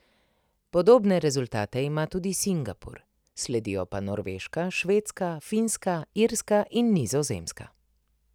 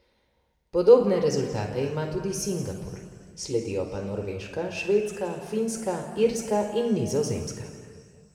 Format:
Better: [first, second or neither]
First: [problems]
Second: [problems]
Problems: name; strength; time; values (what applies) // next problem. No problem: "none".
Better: first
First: none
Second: room echo; dies away in 2 s